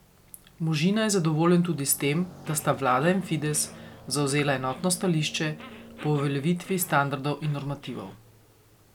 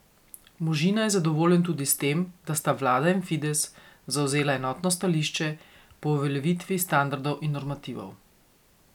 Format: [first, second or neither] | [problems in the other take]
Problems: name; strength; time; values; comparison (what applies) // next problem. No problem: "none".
second | background sound (Car passing by + Growling); 19 dB below the speech